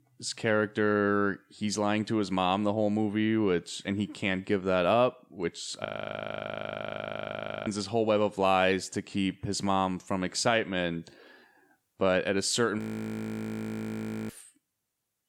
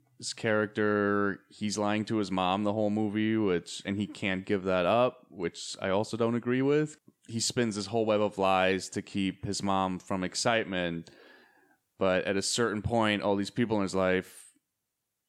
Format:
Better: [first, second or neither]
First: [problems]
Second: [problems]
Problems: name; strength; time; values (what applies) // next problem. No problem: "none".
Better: second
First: audio freezing; at 6 s for 2 s and at 13 s for 1.5 s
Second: none